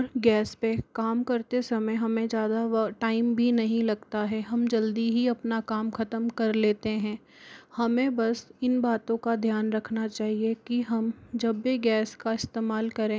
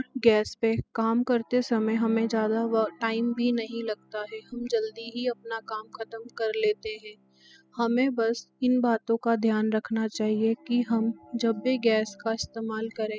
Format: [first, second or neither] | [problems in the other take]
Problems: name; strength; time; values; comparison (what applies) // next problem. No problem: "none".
first | noise reduction (classical method spectral subtraction)